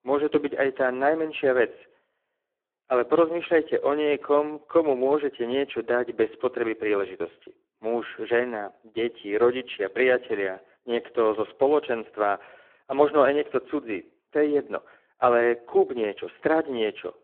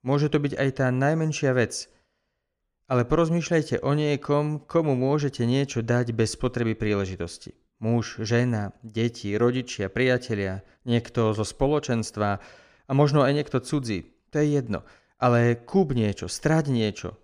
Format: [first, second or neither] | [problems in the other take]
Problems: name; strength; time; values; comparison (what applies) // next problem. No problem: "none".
second | phone-call audio; poor line